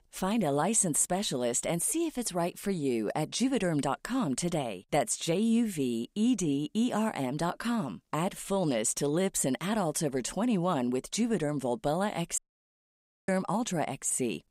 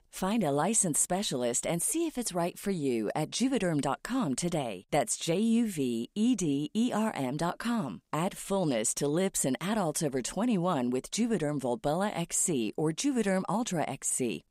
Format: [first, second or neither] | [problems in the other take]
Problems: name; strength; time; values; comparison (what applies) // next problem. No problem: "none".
second | audio cutting out; at 12 s for 1 s